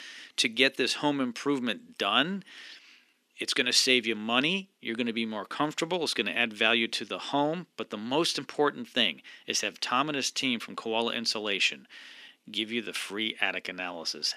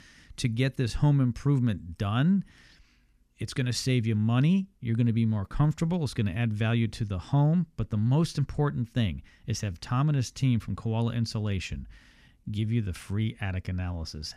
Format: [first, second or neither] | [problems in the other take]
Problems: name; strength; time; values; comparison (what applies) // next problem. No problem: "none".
second | thin; very; fading below 300 Hz